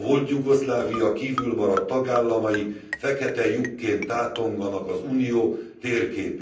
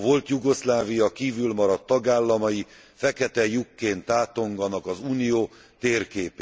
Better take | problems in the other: second | background sound (Marimba, xylophone); 12 dB below the speech // room echo; dies away in 0.6 s

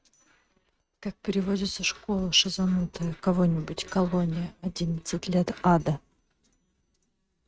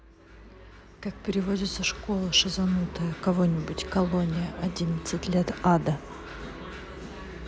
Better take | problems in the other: second | noise reduction (neural mask model RNNoise)

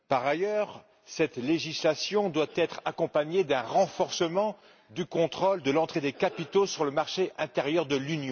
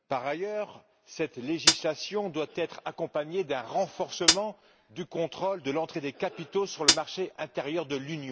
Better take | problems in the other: first | background sound (Hi-hat); 3 dB above the speech

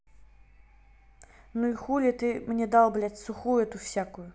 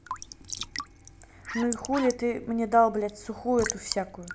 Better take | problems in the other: first | background sound (Raindrop / Drip / Trickle, dribble + Bark); 11 dB below the speech

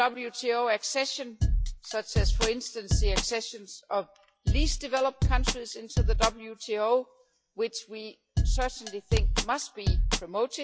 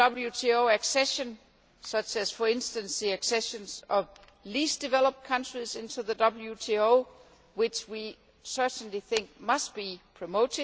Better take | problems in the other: second | noise reduction (classical method log-MMSE)

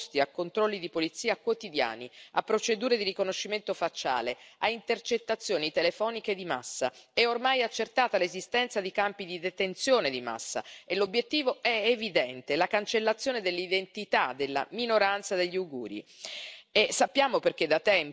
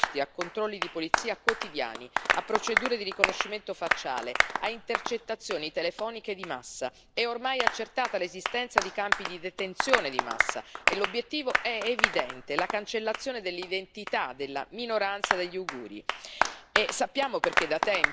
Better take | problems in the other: first | background sound (Applause); as loud as the speech

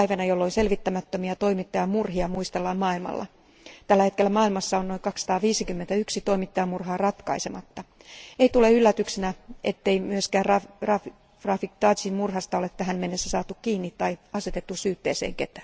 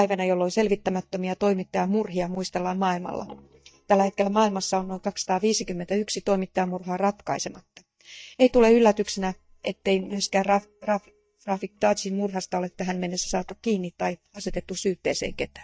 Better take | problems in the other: first | noise reduction (neural mask model DeepFilterNet 3)

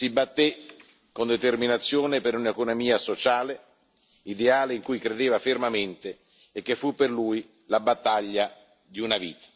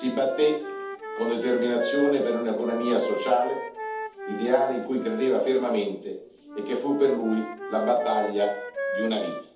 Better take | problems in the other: first | background sound (Wind instrument, woodwind instrument); 9 dB below the speech // room echo; dies away in 0.6 s

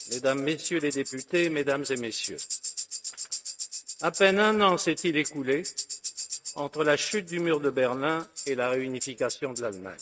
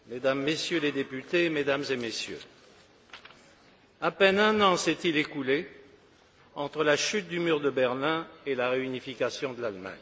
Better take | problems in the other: second | noise reduction (neural mask model RNNoise)

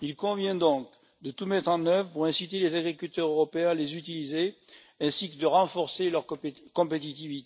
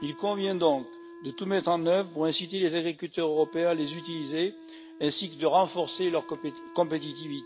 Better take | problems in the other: first | background sound (Wind instrument, woodwind instrument); 17 dB below the speech

